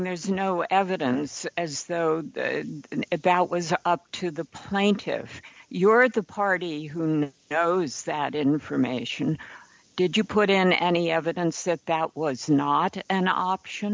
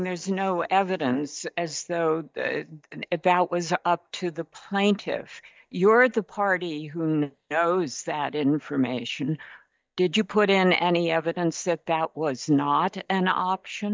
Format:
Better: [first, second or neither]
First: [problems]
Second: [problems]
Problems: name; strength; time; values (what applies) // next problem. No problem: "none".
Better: first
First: none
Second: noise reduction (neural mask model DeepFilterNet 3)